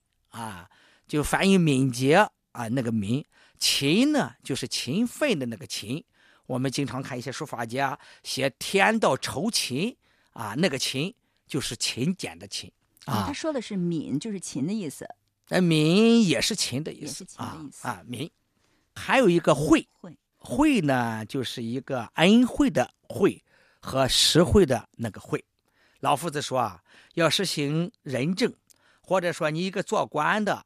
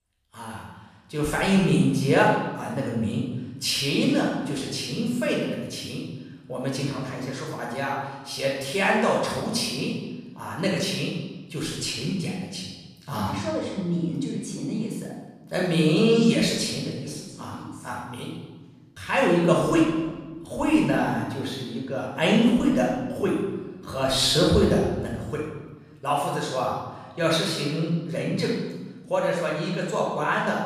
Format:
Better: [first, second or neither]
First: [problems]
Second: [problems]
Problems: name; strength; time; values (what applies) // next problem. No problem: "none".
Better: first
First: none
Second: room echo; noticeable; dies away in 1.1 s // off-mic speech; far